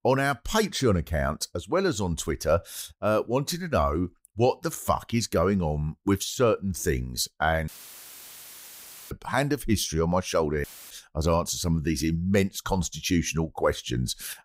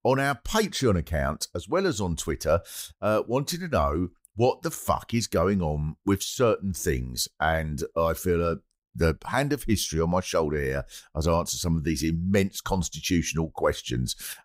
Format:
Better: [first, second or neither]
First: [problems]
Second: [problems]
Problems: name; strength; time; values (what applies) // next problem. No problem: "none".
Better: second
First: audio cutting out; filled with static; at 7.5 s for 1.5 s and at 11 s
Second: none